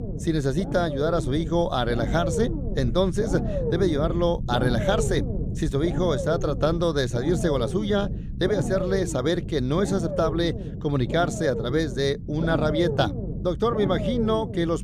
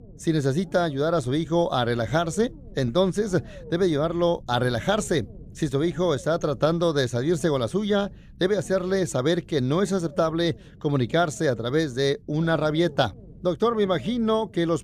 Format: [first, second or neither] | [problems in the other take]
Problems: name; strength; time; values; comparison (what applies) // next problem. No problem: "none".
second | low rumble; loud; throughout; 8 dB below the speech; faint in the second